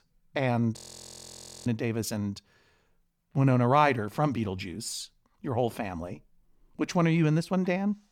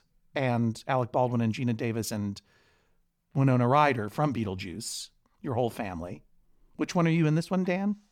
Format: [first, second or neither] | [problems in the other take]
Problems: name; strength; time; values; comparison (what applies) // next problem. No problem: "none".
second | audio freezing; at 1 s for 1 s